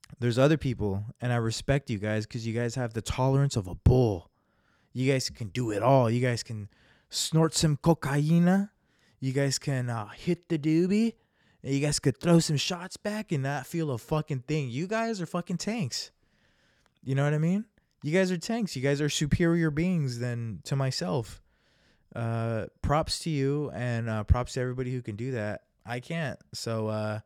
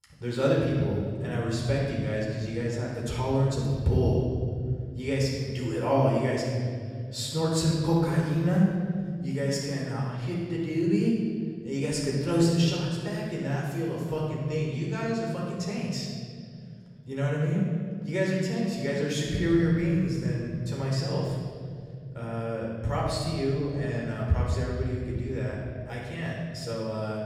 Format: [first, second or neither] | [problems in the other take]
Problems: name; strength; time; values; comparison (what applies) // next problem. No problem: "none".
first | off-mic speech; far // room echo; noticeable; dies away in 2.3 s